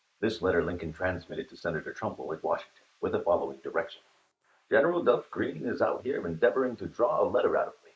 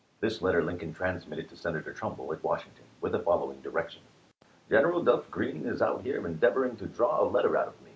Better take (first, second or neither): second